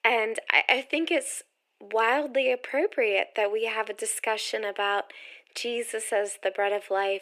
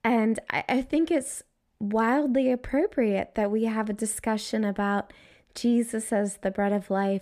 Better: second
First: thin; very; fading below 350 Hz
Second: none

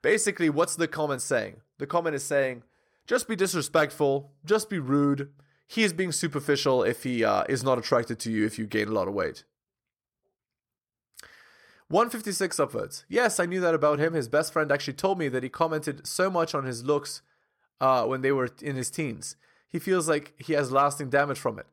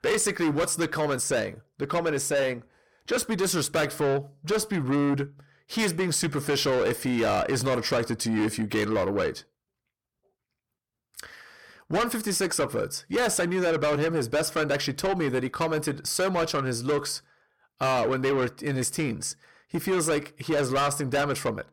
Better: first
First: none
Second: distortion; heavy; 7 dB below the speech

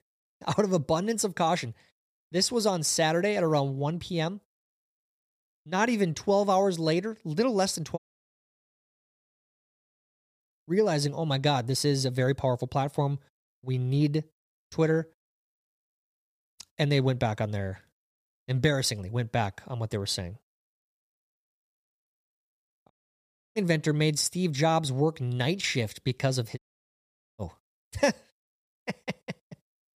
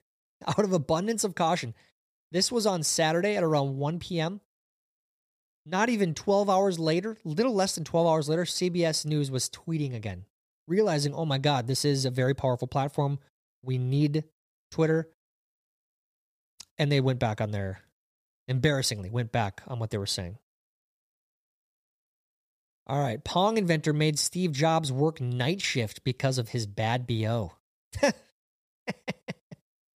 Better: second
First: audio cutting out; at 8 s for 2.5 s, at 23 s for 0.5 s and at 27 s for 1 s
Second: none

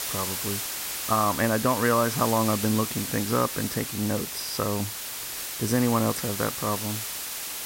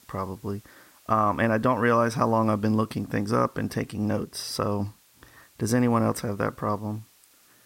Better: second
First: hiss; loud; throughout; 4 dB below the speech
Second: hiss; faint; throughout; 30 dB below the speech

